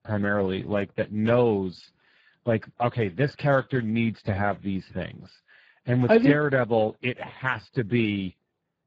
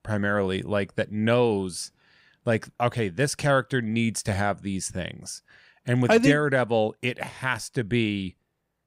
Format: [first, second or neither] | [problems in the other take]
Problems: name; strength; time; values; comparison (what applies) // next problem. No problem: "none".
second | garbled, watery; badly